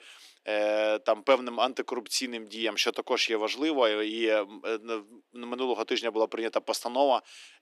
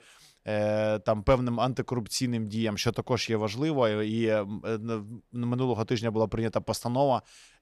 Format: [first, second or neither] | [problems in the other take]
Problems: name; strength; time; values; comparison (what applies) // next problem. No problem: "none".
second | thin; somewhat; fading below 300 Hz